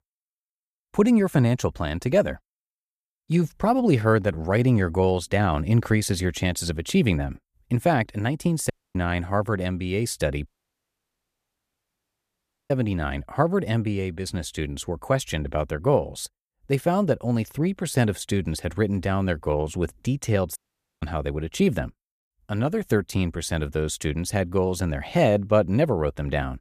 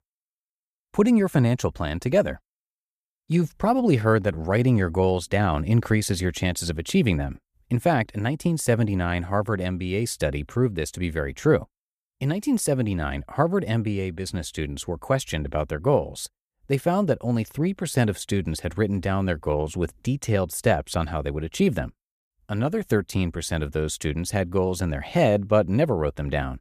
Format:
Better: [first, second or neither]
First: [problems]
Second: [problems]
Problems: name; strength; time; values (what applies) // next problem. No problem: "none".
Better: second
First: audio cutting out; at 8.5 s, at 10 s for 2 s and at 21 s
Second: none